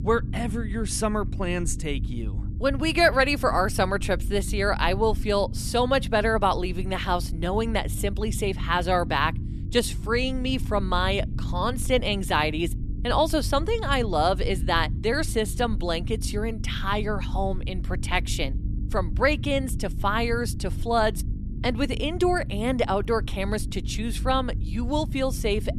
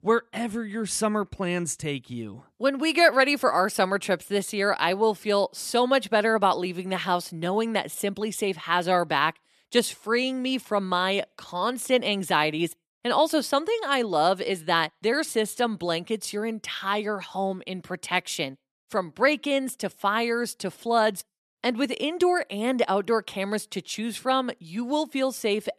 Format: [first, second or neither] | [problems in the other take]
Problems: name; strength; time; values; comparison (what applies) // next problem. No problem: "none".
second | low rumble; noticeable; throughout; 20 dB below the speech